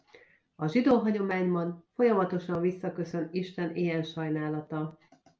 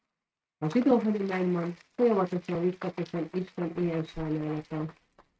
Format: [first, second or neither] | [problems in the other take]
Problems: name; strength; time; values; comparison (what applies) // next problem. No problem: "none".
first | noise reduction (neural mask model RNNoise)